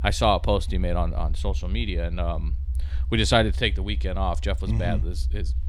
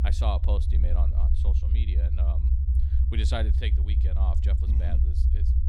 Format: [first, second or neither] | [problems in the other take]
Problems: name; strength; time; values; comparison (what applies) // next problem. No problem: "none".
first | low rumble; loud; throughout; 4 dB below the speech; faint in the first